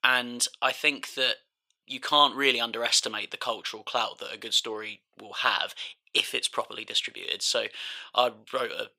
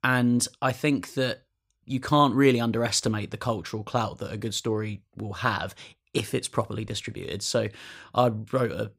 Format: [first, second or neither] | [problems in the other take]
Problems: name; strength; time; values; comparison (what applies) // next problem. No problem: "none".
second | thin; very; fading below 600 Hz